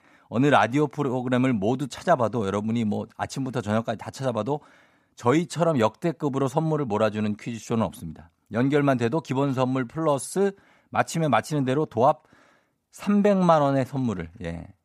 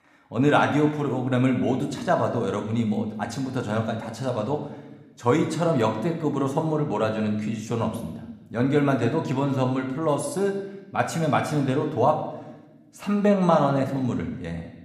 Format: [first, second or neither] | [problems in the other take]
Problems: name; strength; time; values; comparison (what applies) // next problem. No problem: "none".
first | room echo; slight; dies away in 1 s